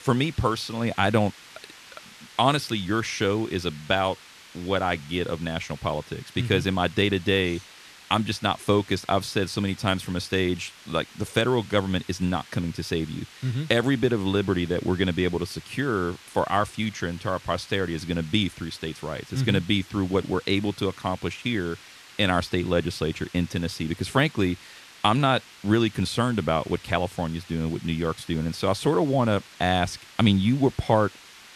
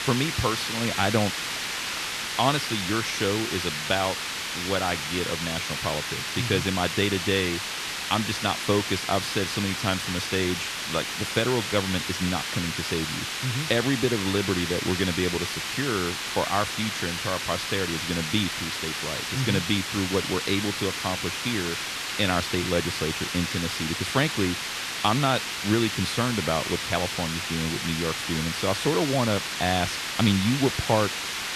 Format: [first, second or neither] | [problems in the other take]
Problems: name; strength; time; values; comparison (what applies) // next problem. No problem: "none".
first | hiss; loud; throughout; 1 dB below the speech; faint in the first